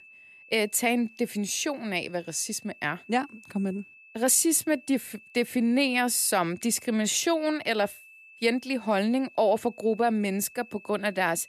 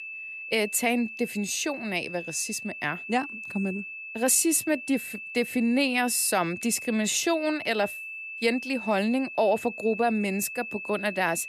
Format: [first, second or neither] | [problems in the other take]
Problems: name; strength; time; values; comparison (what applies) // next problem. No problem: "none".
first | high-pitched whine; loud; throughout; 2.5 kHz, 10 dB below the speech; faint in the first